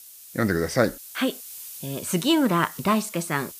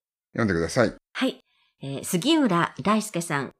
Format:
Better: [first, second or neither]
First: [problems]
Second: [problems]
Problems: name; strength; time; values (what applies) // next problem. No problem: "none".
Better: second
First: hiss; noticeable; throughout; 15 dB below the speech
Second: none